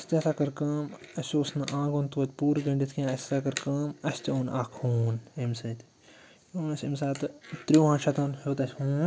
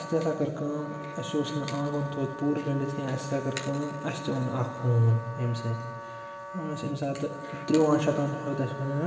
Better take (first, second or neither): first